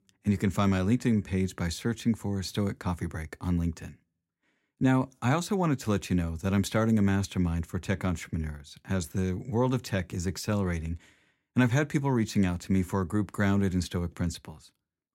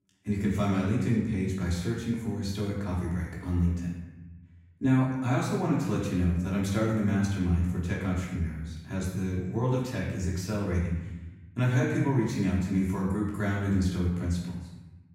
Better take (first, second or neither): first